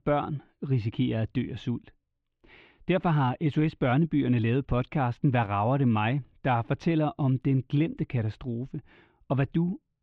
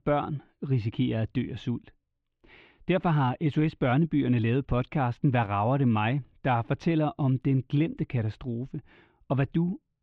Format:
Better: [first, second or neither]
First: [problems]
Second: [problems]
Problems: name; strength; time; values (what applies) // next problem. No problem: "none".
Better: neither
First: muffled; very; fading above 3 kHz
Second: muffled; very; fading above 3 kHz